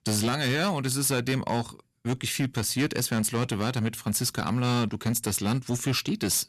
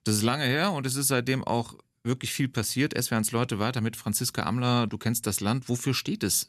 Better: second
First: distortion; slight; 9% of the sound clipped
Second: none

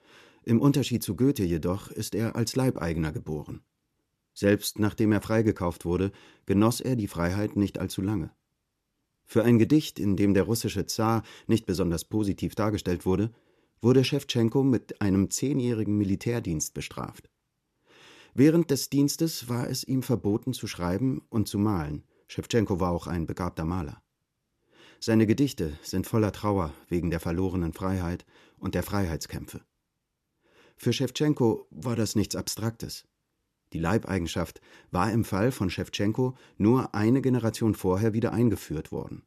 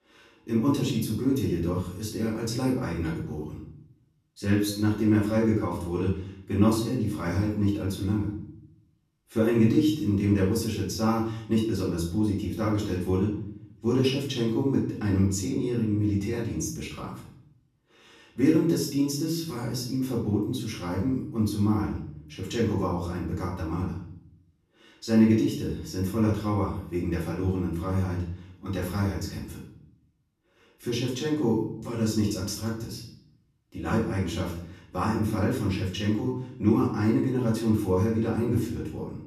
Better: first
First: none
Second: off-mic speech; far // room echo; noticeable; dies away in 0.5 s

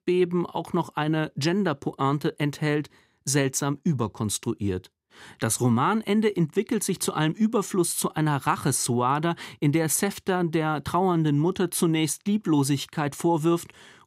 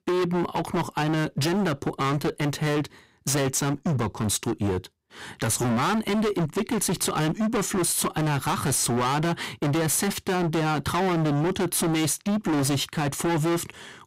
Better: first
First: none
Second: distortion; heavy; 33% of the sound clipped

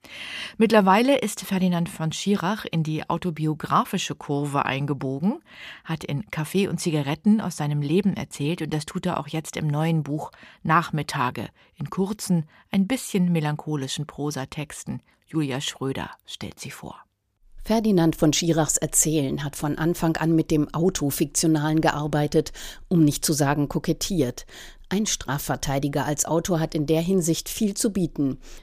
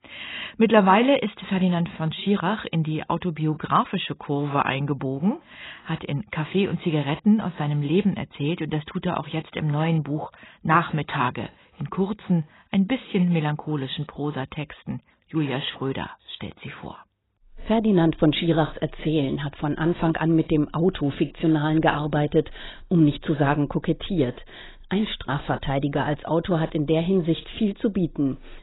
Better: first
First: none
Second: garbled, watery; badly; nothing above 4 kHz

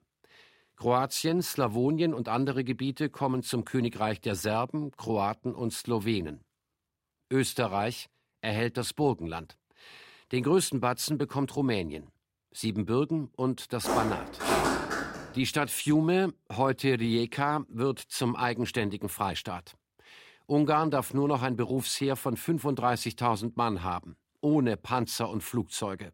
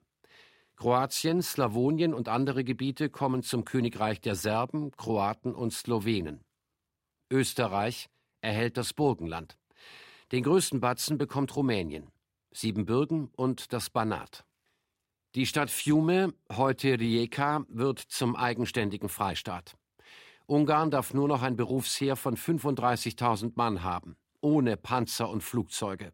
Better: second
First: footsteps; loud; from 14 to 15 s; peak 3 dB above the speech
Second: none

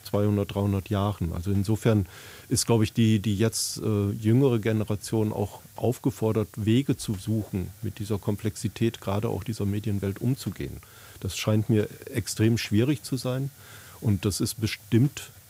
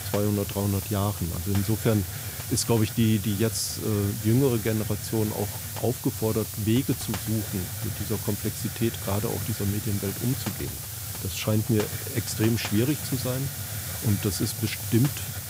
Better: first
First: hiss; faint; throughout; 20 dB below the speech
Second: hiss; loud; throughout; 5 dB below the speech

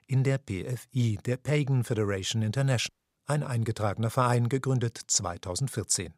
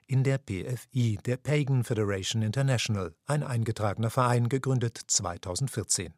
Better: second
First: audio cutting out; at 3 s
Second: none

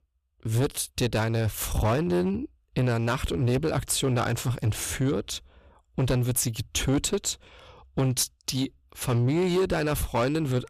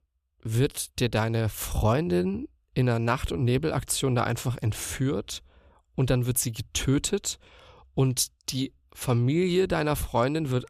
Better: second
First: distortion; slight; 10% of the sound clipped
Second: none

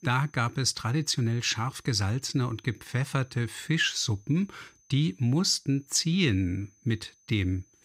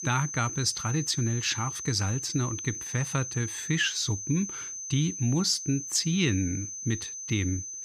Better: first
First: high-pitched whine; faint; throughout; 6 kHz, 35 dB below the speech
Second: high-pitched whine; loud; throughout; 6 kHz, 6 dB below the speech

